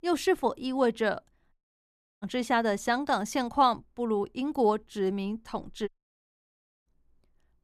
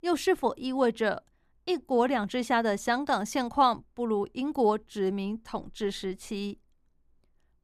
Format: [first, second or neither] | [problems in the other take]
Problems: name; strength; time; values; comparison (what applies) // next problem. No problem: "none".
second | audio cutting out; at 1.5 s for 0.5 s and at 6 s for 1 s